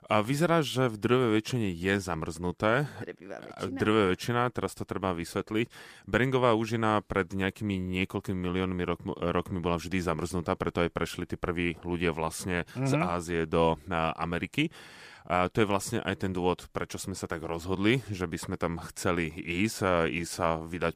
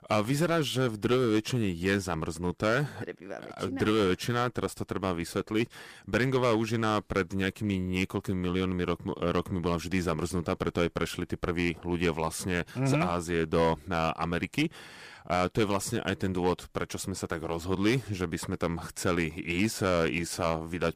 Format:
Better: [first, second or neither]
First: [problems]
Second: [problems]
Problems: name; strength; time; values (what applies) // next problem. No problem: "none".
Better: first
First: none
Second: distortion; slight; 4% of the sound clipped